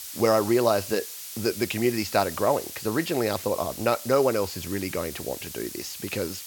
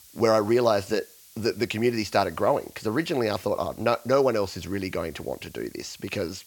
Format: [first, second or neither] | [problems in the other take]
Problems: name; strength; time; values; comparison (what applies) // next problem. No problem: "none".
second | hiss; loud; throughout; 10 dB below the speech; faint in the second